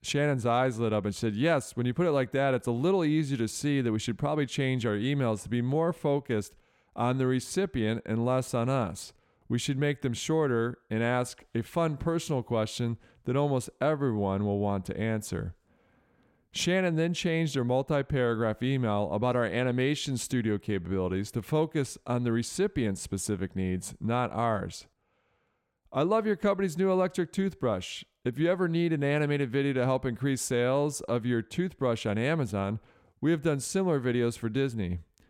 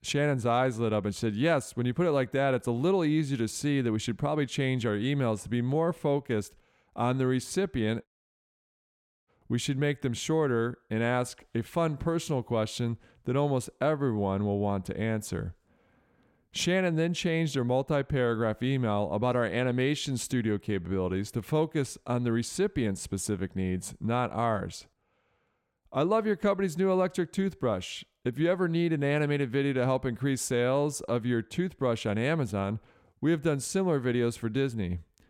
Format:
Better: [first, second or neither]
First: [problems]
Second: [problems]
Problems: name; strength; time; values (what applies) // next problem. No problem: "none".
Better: first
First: none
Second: audio cutting out; at 8 s for 1 s